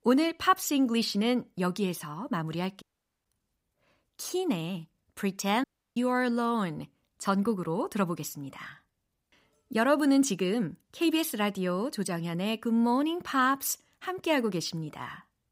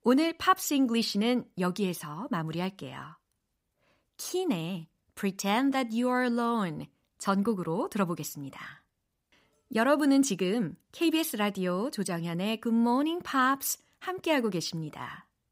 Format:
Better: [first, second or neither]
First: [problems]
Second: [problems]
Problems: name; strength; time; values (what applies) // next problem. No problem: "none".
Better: second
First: audio cutting out; at 3 s and at 5.5 s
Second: none